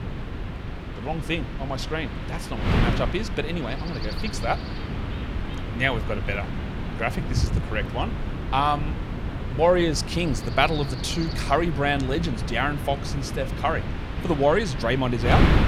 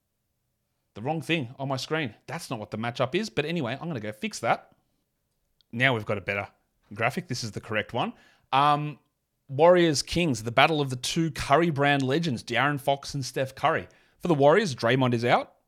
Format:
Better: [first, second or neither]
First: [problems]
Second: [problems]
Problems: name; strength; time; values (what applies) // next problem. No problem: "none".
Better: second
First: wind noise on the microphone; heavy; 9 dB below the speech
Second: none